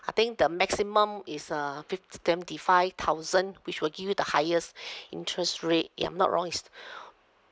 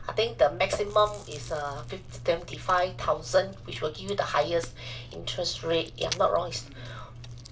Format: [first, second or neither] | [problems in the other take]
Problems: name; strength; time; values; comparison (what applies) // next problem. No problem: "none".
first | background sound (Chewing, mastication); 12 dB below the speech // room echo; dies away in 0.2 s